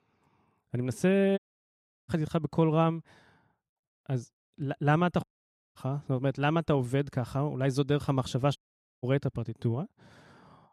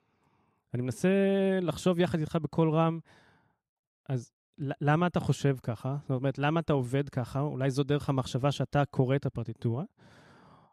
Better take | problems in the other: second | audio cutting out; at 1.5 s for 0.5 s, at 5 s for 0.5 s and at 8.5 s

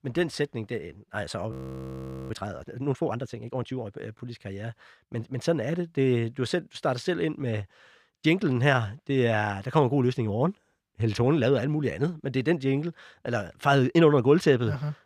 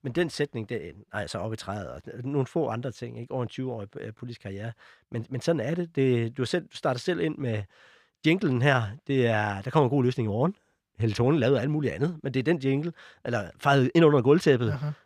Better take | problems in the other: second | audio freezing; at 1.5 s for 1 s

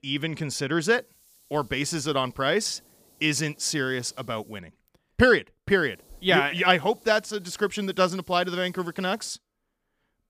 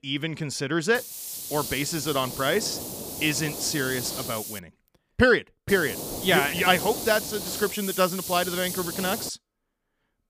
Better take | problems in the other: first | hiss; loud; from 1 to 4.5 s and from 5.5 to 9.5 s; 7 dB below the speech; faint in the first

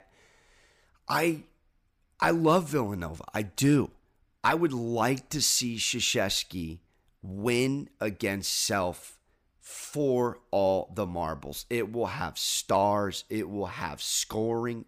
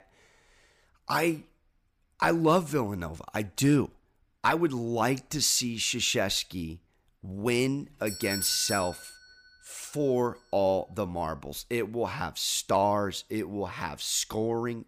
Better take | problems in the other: first | doorbell; noticeable; at 8 s; peak 1 dB below the speech

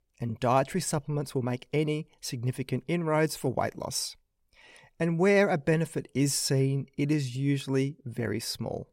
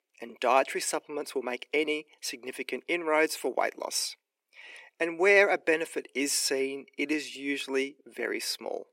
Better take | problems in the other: first | thin; somewhat; fading below 300 Hz

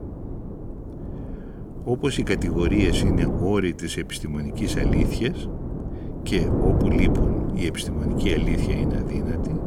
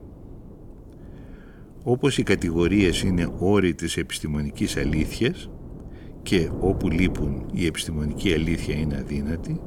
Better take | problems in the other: second | wind noise on the microphone; heavy; 3 dB below the speech; occasional gusts in the second

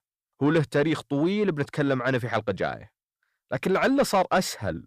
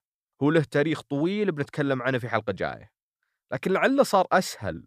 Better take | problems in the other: second | distortion; slight; 10 dB below the speech

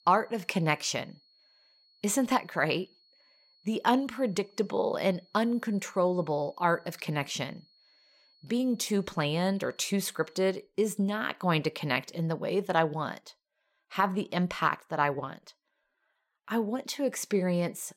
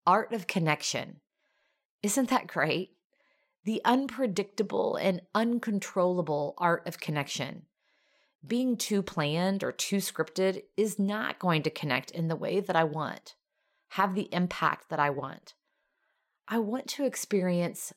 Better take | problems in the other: second | high-pitched whine; faint; until 11 s; 4.5 kHz, 30 dB below the speech

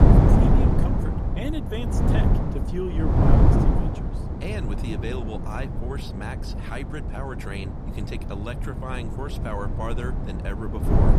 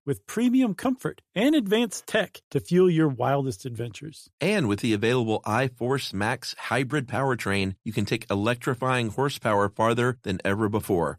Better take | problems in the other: second | wind noise on the microphone; heavy; 2 dB above the speech

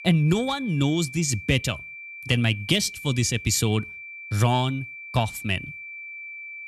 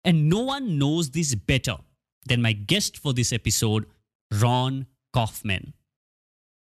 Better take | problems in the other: second | high-pitched whine; noticeable; throughout; 2.5 kHz, 15 dB below the speech

